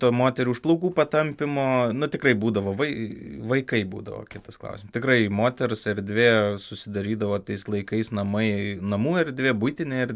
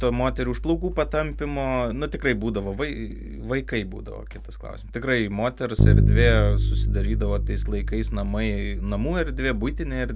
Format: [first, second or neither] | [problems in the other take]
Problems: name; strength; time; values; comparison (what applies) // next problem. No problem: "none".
first | background sound (Bass guitar); 2 dB above the speech